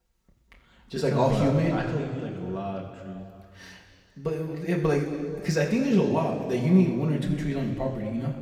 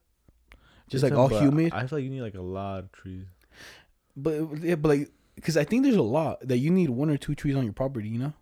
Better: second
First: room echo; noticeable; dies away in 2.2 s // off-mic speech; somewhat distant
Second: none

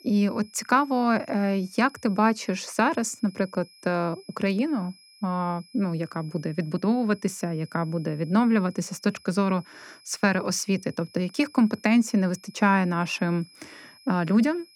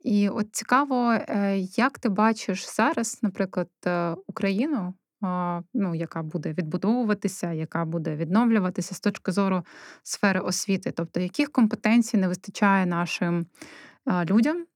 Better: second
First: high-pitched whine; faint; throughout; 5 kHz, 25 dB below the speech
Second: none

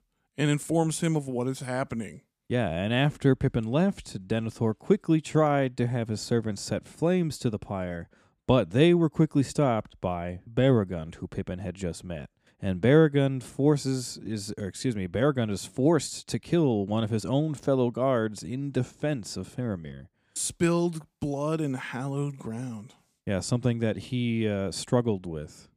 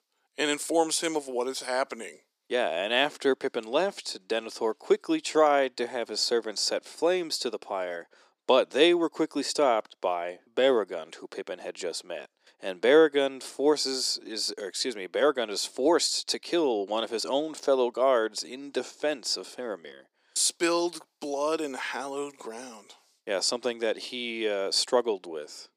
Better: first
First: none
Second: thin; very; fading below 350 Hz

